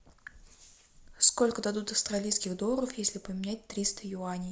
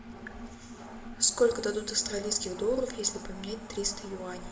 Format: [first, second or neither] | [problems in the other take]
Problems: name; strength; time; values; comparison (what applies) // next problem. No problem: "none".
first | background sound (Engine); 13 dB below the speech // room echo; dies away in 0.7 s